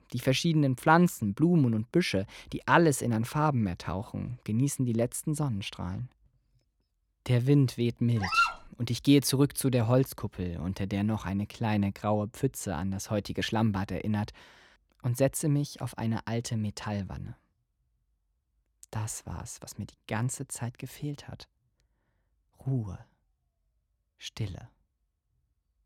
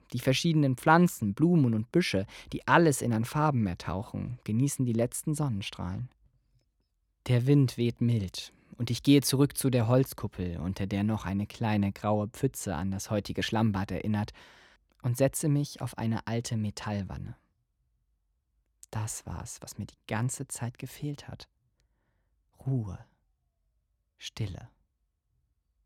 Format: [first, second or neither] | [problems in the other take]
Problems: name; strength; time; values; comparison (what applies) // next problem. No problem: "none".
second | dog barking; loud; at 8 s; peak 3 dB above the speech